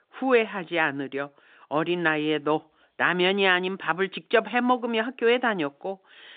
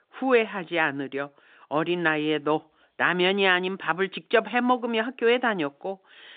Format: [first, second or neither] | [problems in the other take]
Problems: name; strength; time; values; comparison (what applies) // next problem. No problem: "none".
neither | phone-call audio; the same in both